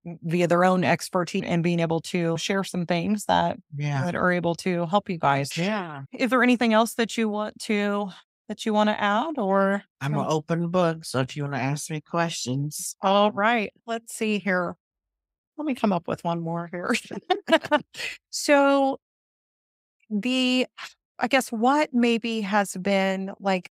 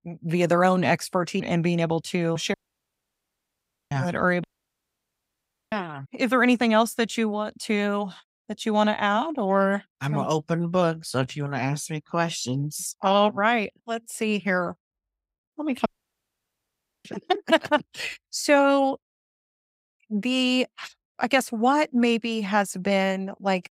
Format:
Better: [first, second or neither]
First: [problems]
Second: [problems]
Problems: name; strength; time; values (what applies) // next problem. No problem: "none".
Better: first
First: none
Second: audio cutting out; at 2.5 s for 1.5 s, at 4.5 s for 1.5 s and at 16 s for 1 s